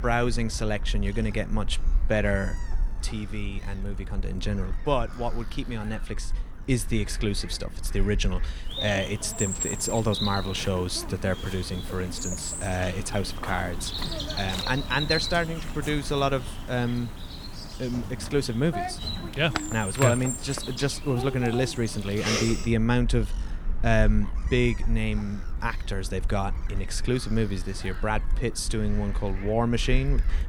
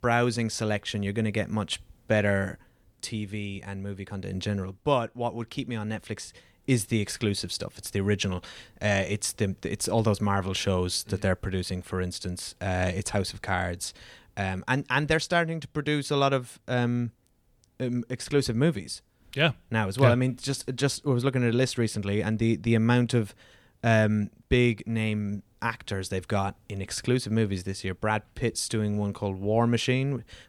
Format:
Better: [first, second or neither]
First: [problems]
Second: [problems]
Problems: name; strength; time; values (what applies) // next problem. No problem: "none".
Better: second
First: animal sounds; loud; throughout; 5 dB below the speech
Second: none